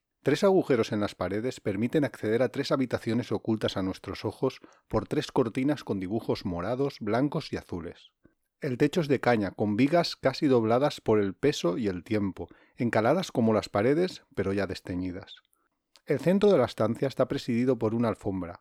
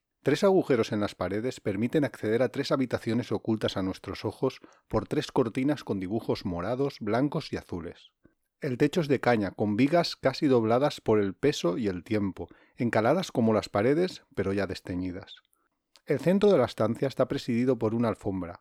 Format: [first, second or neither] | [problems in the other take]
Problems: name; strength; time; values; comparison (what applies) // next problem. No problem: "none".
neither | none